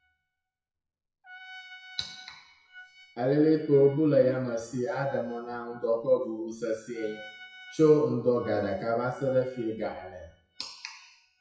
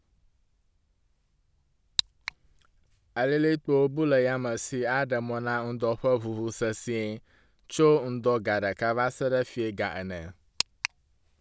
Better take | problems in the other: second | noise reduction (classical method WPE with log-MMSE)

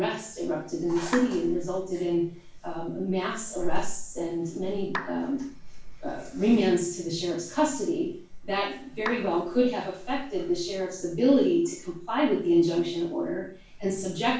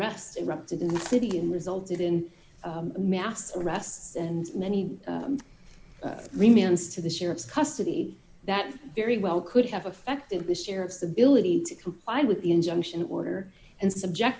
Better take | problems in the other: second | background sound (Clapping); 11 dB below the speech // room echo; dies away in 0.3 s

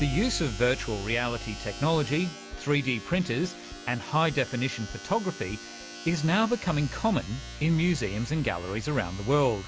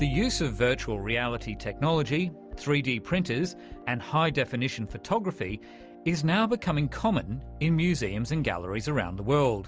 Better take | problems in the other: second | background sound (Domestic sounds, home sounds); 16 dB below the speech

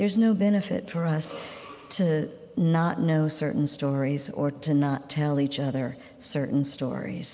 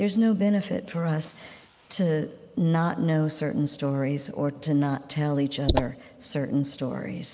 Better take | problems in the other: first | noise reduction (neural mask model Resemble Enhance denoiser)

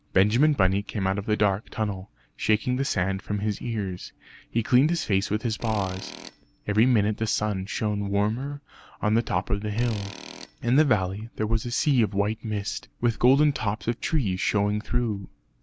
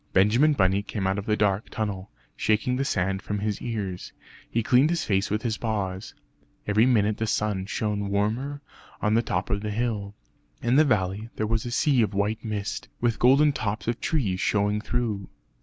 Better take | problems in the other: second | background sound (Tools); 18 dB below the speech

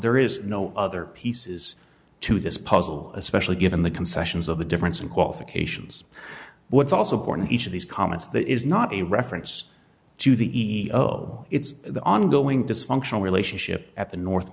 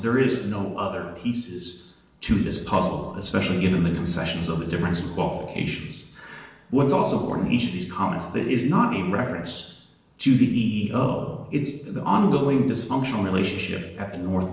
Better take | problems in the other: first | room echo; dies away in 0.9 s

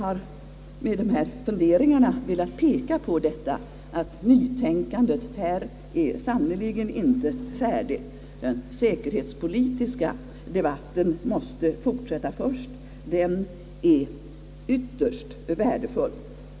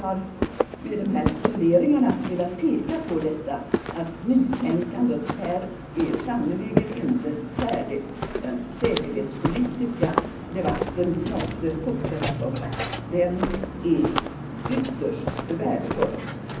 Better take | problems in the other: first | background sound (Walk, footsteps); 4 dB below the speech // room echo; dies away in 0.6 s

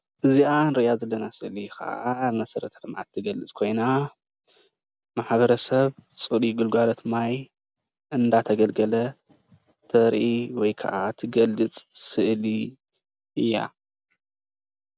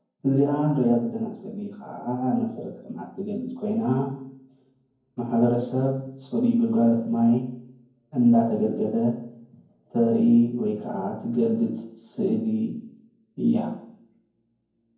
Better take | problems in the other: first | room echo; dies away in 0.9 s

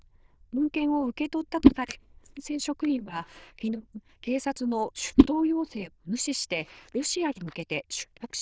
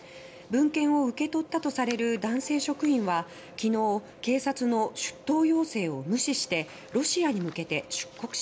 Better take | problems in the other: second | noise reduction (neural diffusion model UNIVERSE++)

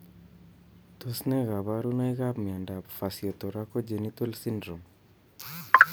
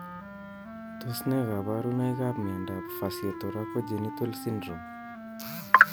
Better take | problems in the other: first | background sound (Wind instrument, woodwind instrument); 10 dB below the speech

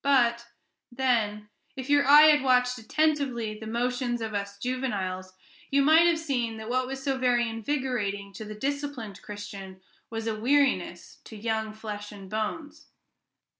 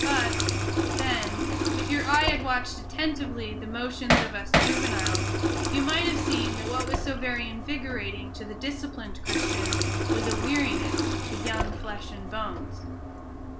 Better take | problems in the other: first | background sound (Hammer + Water tap, faucet); 3 dB above the speech

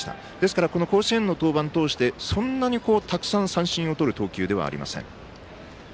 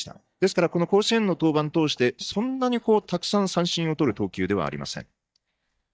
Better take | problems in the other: first | noise reduction (neural mask model DeepFilterNet 3)

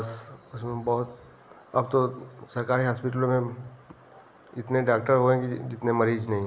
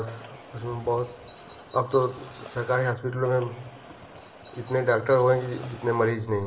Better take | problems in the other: first | background sound (Bird); 19 dB below the speech // room echo; dies away in 0.2 s

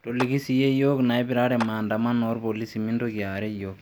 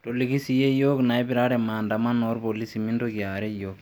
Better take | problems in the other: second | background sound (Clapping); 16 dB below the speech

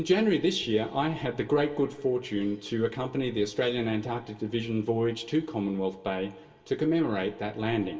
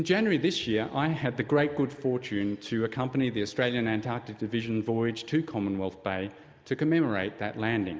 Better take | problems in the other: second | room echo; dies away in 0.2 s

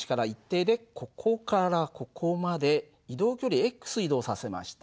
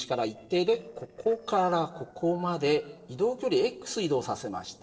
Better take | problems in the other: first | noise reduction (neural separator model SepFormer DNS4)

